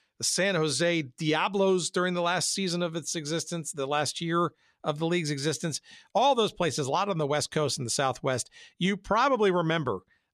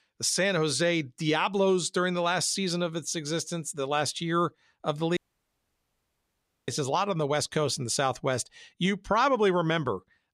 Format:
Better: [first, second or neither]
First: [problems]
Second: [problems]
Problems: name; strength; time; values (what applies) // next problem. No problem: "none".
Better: first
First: none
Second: audio cutting out; at 5 s for 1.5 s